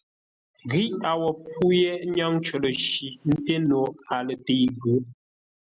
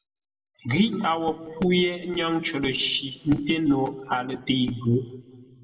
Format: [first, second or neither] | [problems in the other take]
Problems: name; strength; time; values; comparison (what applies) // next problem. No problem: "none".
first | room echo; dies away in 1.1 s